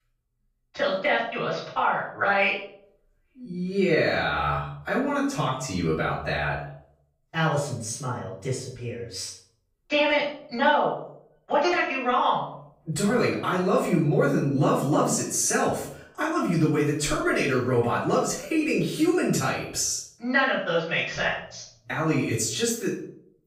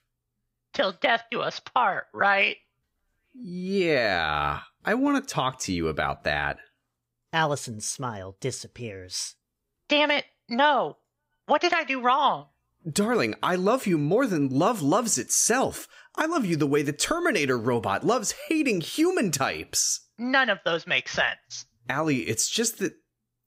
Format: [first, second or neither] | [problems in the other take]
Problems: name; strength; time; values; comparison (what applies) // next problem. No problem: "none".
second | off-mic speech; far // room echo; noticeable; dies away in 0.6 s